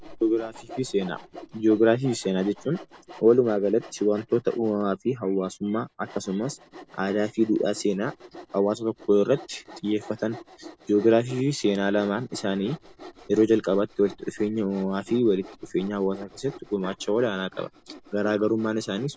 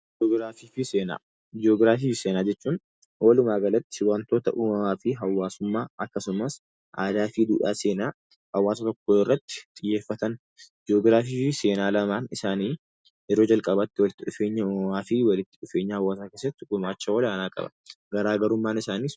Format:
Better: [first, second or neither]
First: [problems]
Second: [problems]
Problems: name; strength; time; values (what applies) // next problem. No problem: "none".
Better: second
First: background sound (Sawing); 20 dB below the speech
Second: none